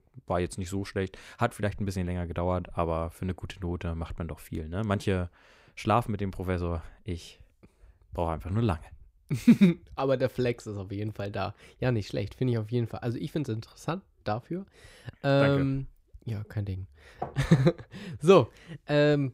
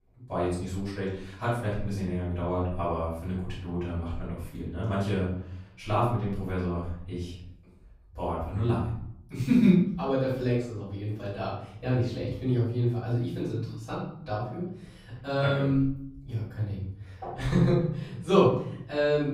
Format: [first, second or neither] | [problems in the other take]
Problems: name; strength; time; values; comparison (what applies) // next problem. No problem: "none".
first | off-mic speech; far // room echo; noticeable; dies away in 0.7 s